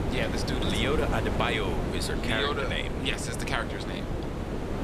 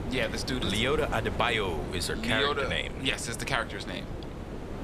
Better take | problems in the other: second | wind noise on the microphone; heavy; 5 dB below the speech; occasional gusts in the second

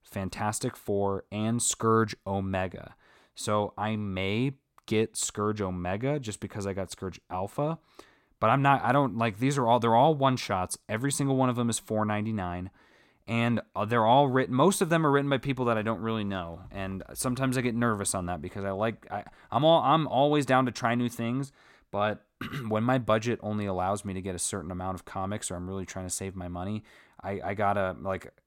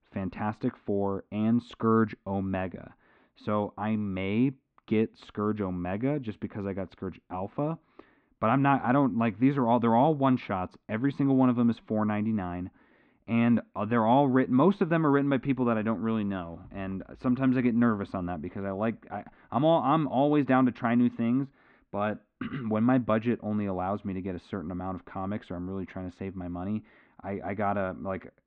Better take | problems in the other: first | muffled; very; fading above 3 kHz

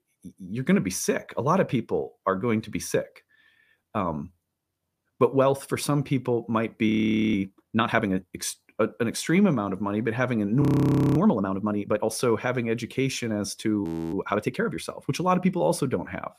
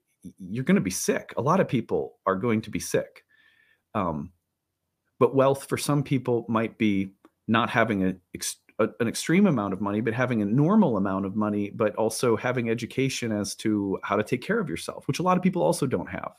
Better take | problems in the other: second | audio freezing; at 7 s, at 11 s for 0.5 s and at 14 s

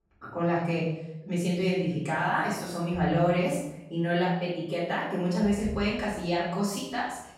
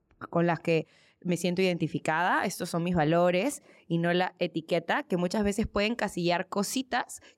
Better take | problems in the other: second | room echo; noticeable; dies away in 0.8 s // off-mic speech; far

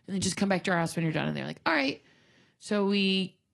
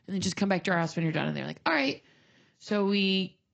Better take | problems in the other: first | garbled, watery; badly; nothing above 8 kHz; slightly in the first

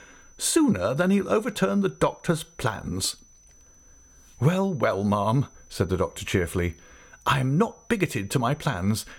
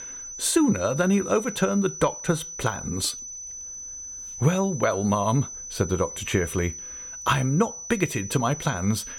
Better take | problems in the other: first | high-pitched whine; loud; throughout; 6 kHz, 10 dB below the speech; faint in the first

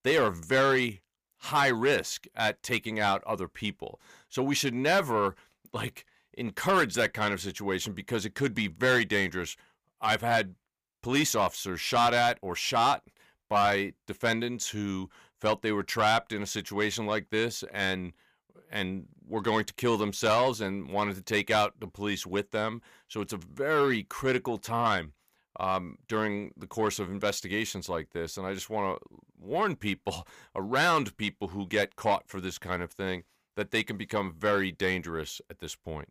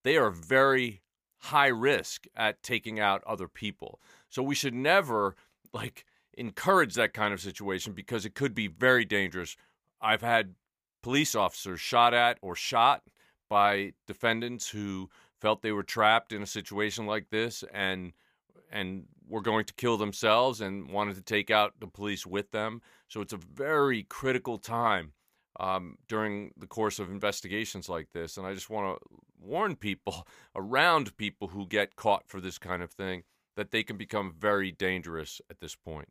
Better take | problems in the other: second | distortion; slight; 10 dB below the speech

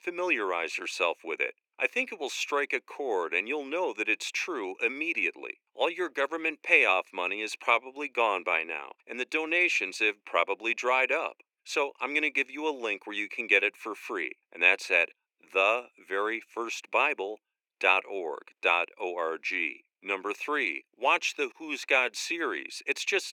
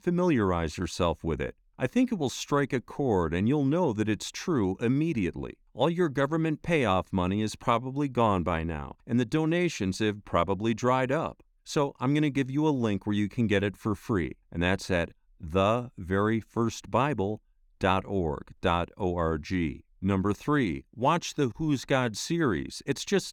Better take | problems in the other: second | thin; very; fading below 350 Hz

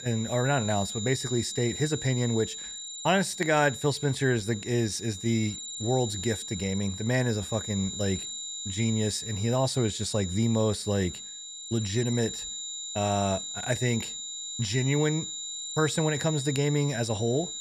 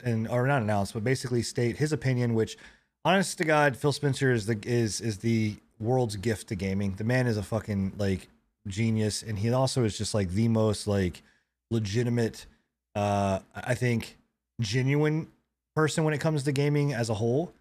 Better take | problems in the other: second | high-pitched whine; loud; throughout; 7 kHz, 7 dB below the speech

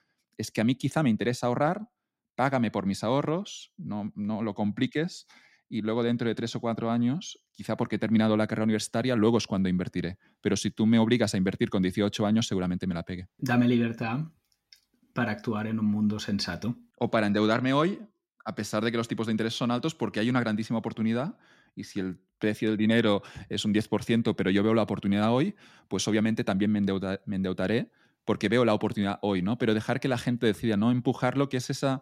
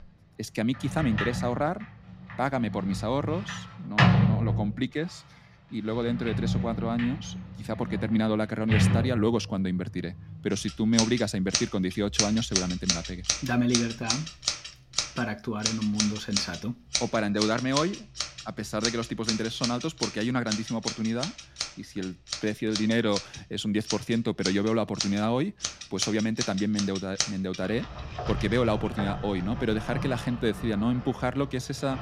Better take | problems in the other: first | household noises; loud; throughout; 2 dB below the speech

